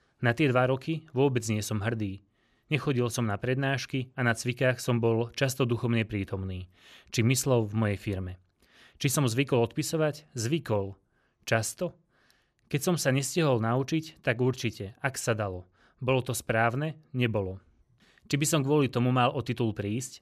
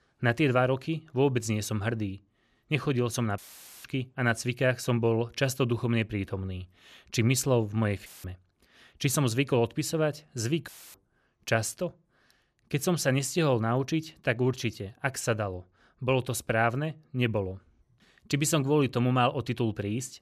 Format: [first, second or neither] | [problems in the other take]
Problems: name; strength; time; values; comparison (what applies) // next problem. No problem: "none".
first | audio cutting out; filled with static; at 3.5 s, at 8 s and at 11 s